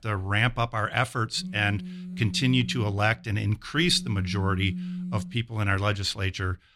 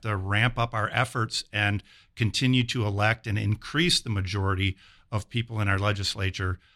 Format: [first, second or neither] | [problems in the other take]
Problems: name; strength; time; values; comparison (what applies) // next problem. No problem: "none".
second | phone ringing; noticeable; from 1.5 to 5.5 s; peak 7 dB below the speech